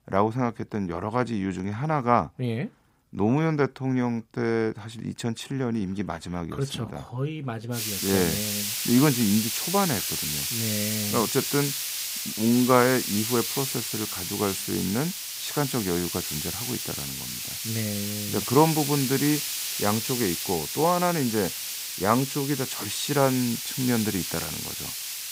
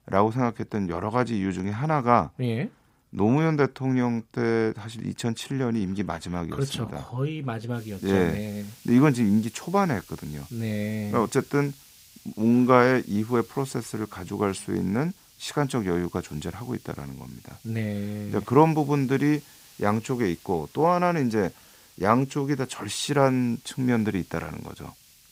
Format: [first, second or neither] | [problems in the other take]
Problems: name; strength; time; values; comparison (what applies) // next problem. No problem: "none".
second | hiss; loud; from 8 s on; 2 dB below the speech; faint in the second